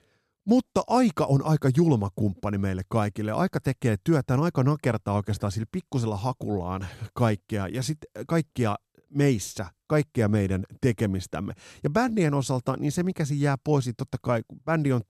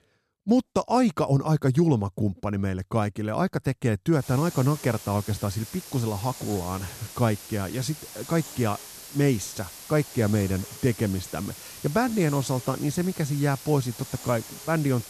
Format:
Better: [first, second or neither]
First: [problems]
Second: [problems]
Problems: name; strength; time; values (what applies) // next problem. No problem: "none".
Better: first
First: none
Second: hiss; noticeable; from 4 s on; 15 dB below the speech